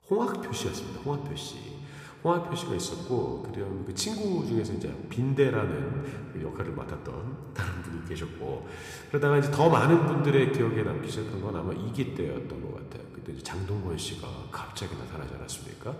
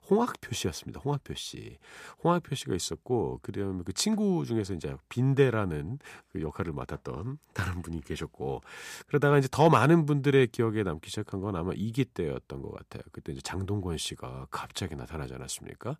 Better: second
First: room echo; slight; dies away in 2.3 s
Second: none

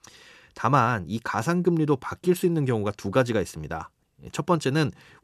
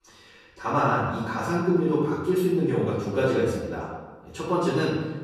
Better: first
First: none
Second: off-mic speech; far // room echo; noticeable; dies away in 1.1 s

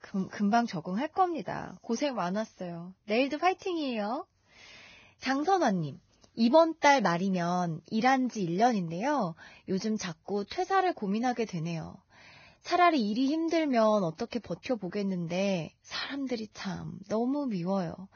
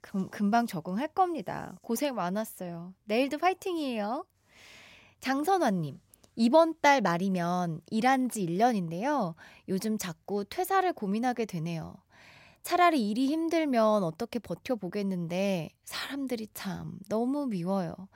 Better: second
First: garbled, watery; badly; nothing above 6.5 kHz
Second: none

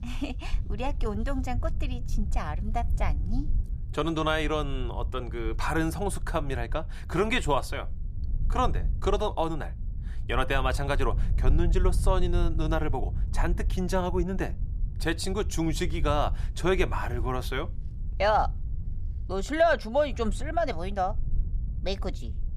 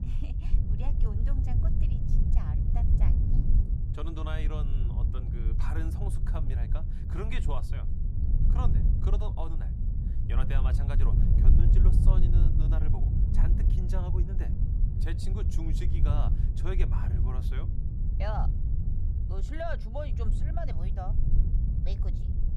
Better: first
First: low rumble; faint; throughout; 20 dB below the speech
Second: low rumble; loud; throughout; 2 dB below the speech

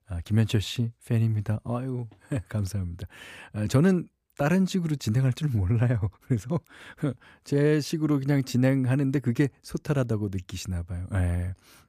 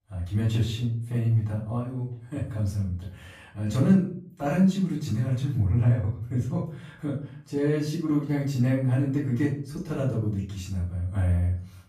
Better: first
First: none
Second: off-mic speech; far // room echo; noticeable; dies away in 0.4 s

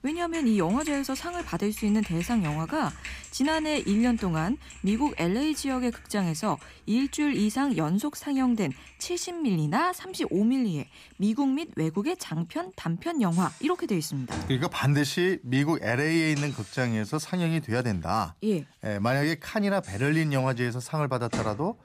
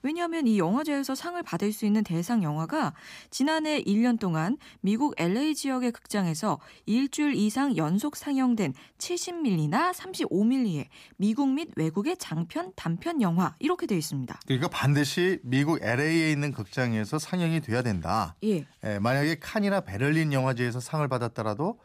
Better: second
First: household noises; noticeable; throughout; 15 dB below the speech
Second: none

